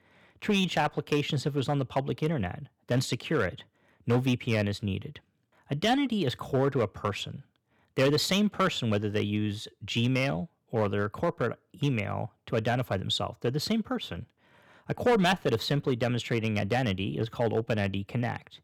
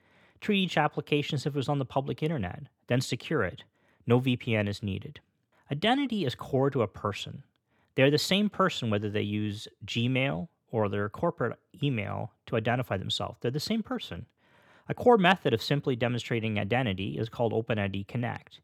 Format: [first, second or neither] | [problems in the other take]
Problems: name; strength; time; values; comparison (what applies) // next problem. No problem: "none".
second | distortion; slight; 3% of the sound clipped